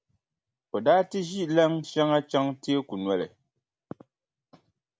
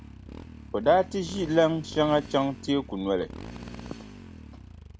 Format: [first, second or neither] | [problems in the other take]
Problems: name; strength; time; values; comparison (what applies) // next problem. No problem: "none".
first | background sound (Motorcycle); 15 dB below the speech